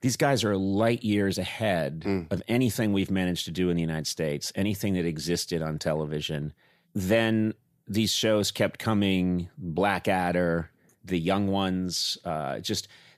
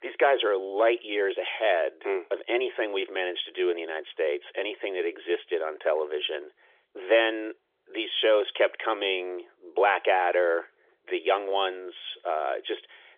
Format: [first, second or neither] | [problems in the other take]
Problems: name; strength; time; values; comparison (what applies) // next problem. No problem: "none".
first | phone-call audio; nothing above 3.5 kHz